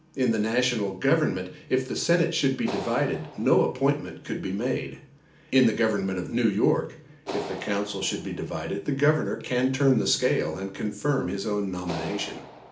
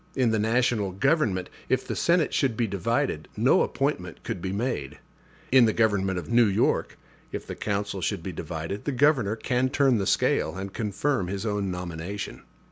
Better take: second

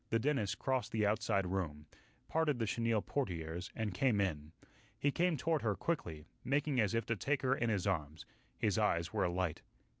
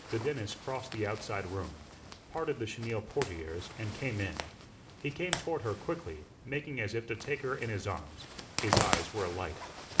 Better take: first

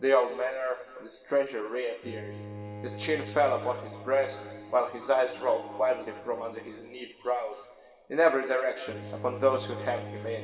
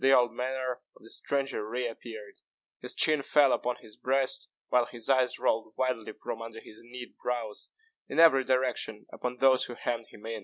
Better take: second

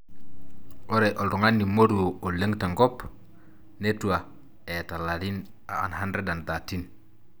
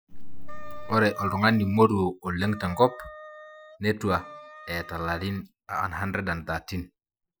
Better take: first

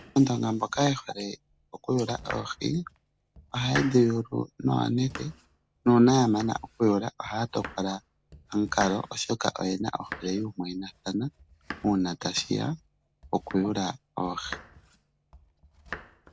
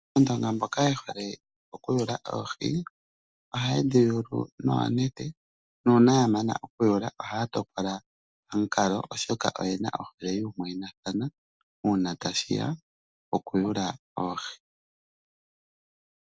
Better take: second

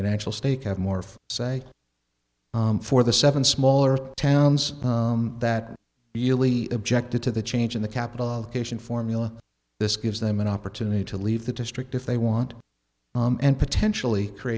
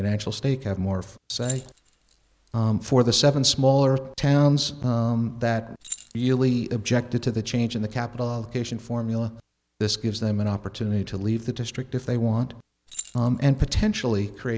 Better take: first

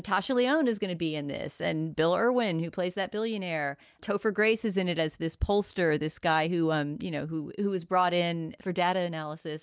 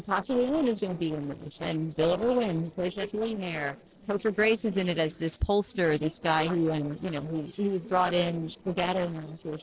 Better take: first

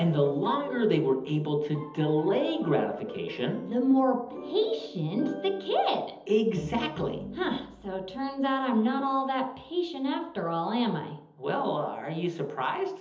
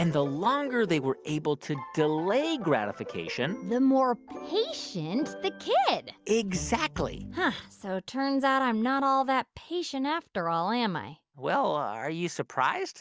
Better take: second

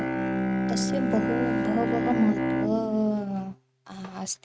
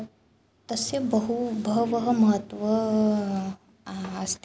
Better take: second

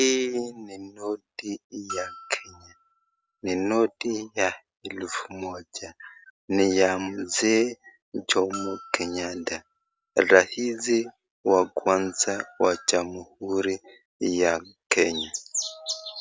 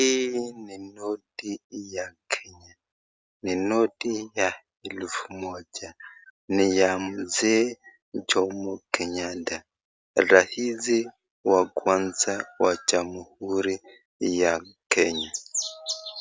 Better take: second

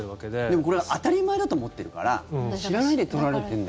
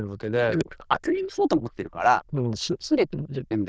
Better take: first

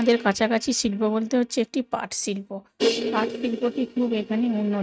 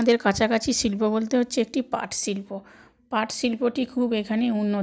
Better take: second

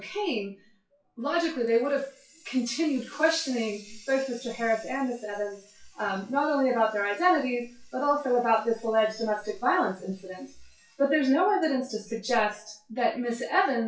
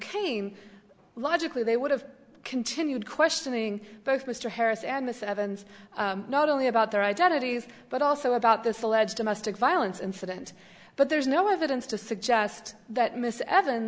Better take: second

